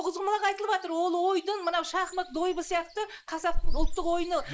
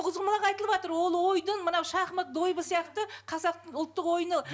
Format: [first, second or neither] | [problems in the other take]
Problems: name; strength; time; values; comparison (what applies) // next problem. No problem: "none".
second | noise reduction (neural mask model Resemble Enhance denoiser)